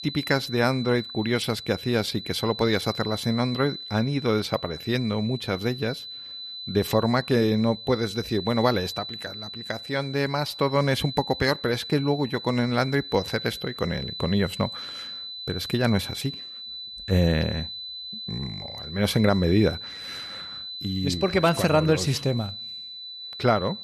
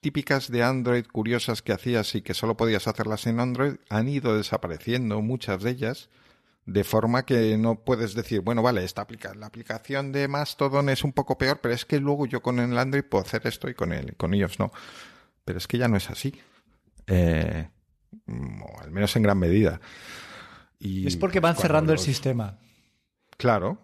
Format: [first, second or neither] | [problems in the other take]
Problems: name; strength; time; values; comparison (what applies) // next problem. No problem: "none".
second | high-pitched whine; loud; throughout; 4 kHz, 10 dB below the speech